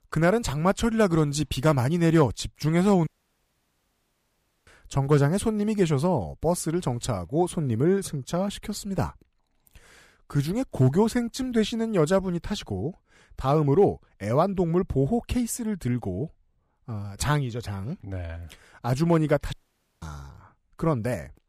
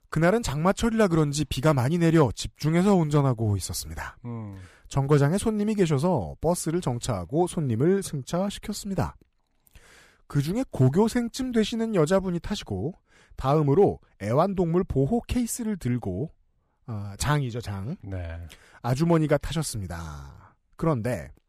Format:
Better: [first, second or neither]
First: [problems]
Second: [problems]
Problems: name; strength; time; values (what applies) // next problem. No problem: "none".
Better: second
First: audio cutting out; at 3 s for 1.5 s and at 20 s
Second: none